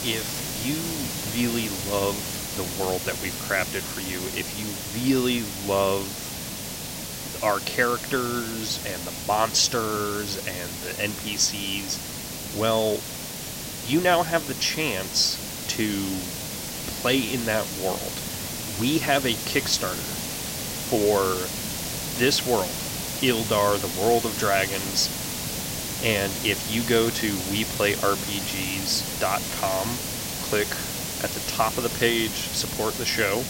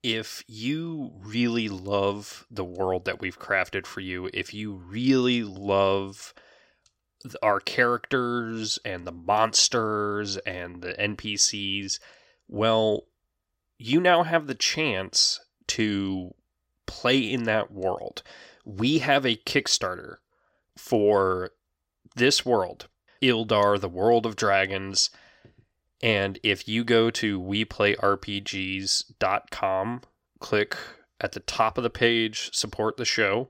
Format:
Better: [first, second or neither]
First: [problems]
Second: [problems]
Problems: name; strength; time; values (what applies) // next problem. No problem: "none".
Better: second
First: hiss; loud; throughout; 4 dB below the speech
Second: none